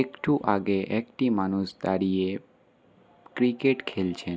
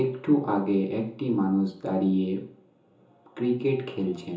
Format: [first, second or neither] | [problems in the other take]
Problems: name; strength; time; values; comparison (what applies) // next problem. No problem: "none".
first | room echo; dies away in 0.6 s